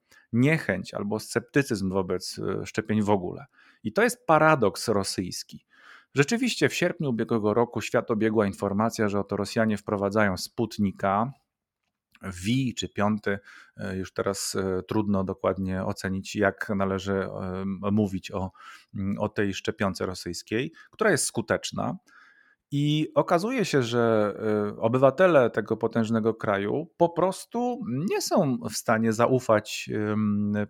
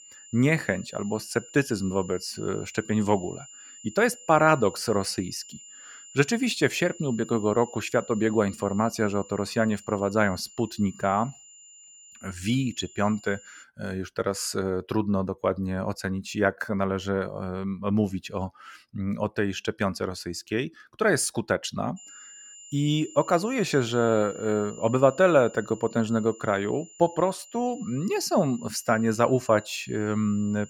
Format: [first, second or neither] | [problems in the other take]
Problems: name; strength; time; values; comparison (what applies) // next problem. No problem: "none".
first | high-pitched whine; noticeable; until 14 s and from 22 s on; 7 kHz, 20 dB below the speech